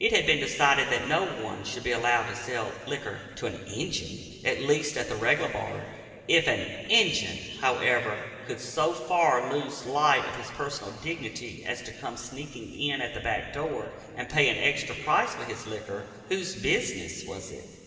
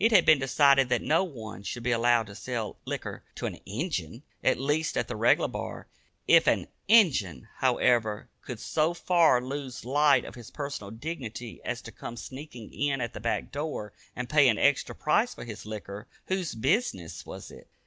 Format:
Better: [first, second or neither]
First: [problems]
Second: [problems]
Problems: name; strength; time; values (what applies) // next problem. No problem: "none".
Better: second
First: room echo; dies away in 2.7 s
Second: none